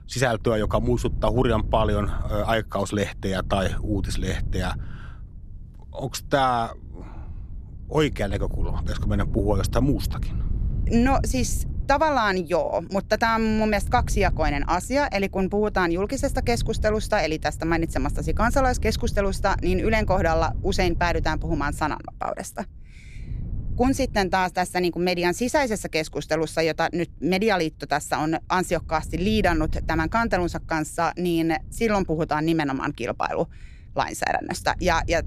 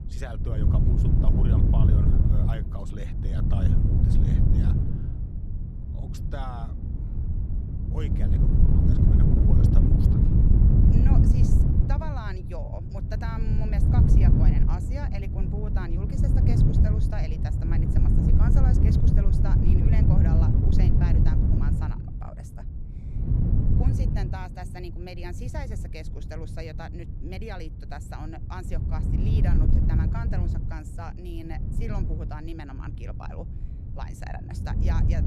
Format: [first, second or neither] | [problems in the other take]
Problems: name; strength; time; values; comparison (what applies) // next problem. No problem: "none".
first | wind noise on the microphone; heavy; 5 dB above the speech; occasional gusts in the first